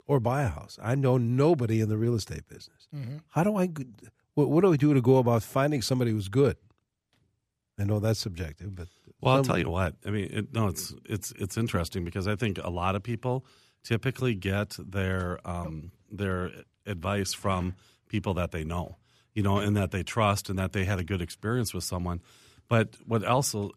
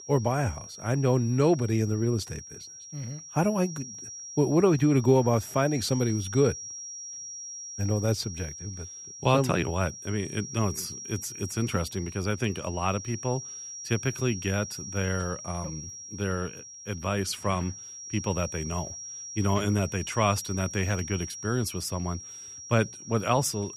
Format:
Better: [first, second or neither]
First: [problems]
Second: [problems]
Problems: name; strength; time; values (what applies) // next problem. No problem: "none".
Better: first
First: none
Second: high-pitched whine; noticeable; throughout; 5.5 kHz, 10 dB below the speech